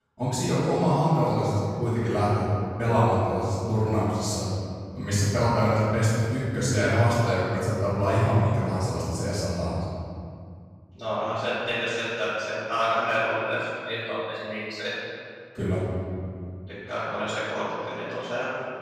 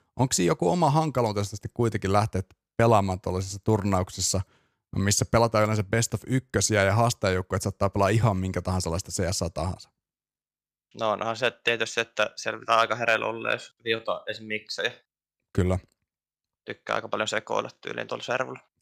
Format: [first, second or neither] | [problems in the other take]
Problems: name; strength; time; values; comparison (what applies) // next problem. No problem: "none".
second | off-mic speech; far // room echo; strong; dies away in 2.3 s